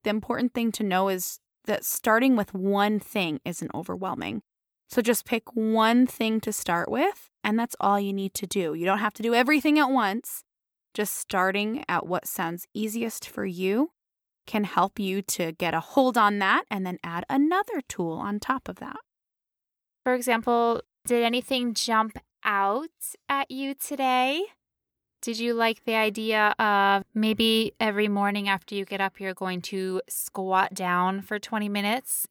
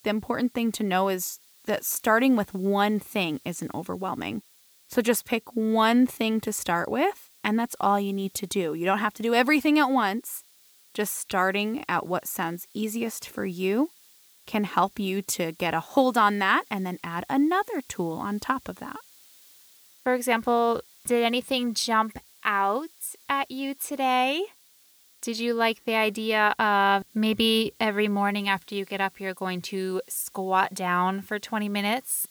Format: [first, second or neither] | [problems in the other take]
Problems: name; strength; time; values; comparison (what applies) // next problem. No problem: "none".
first | hiss; faint; throughout; 25 dB below the speech